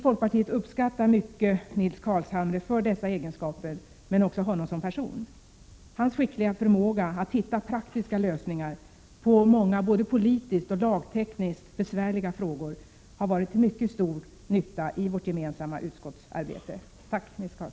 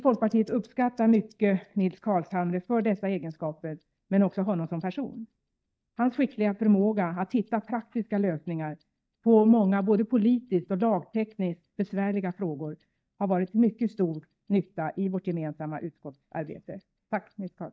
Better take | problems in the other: first | noise reduction (neural mask model DeepFilterNet 3)

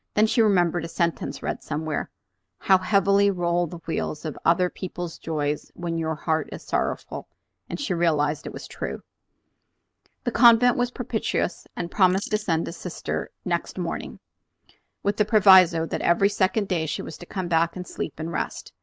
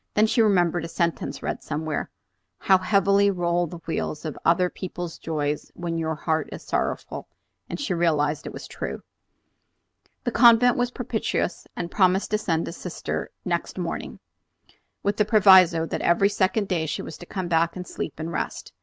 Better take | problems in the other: second | noise reduction (neural mask model Resemble Enhance denoiser)

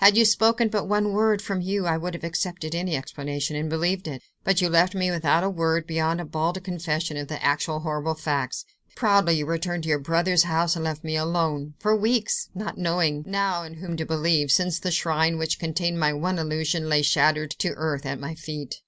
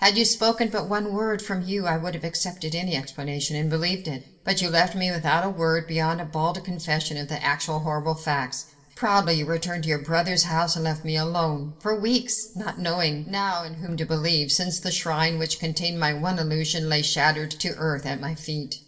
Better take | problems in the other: first | room echo; dies away in 0.7 s

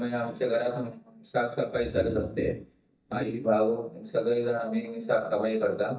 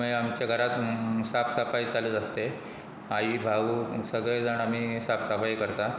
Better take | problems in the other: second | noise reduction (neural mask model DeepFilterNet 3)

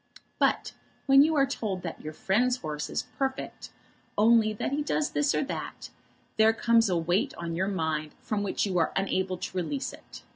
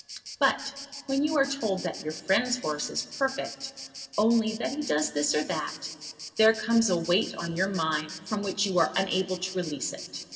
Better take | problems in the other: first | background sound (Insect); 14 dB below the speech // room echo; dies away in 1.7 s

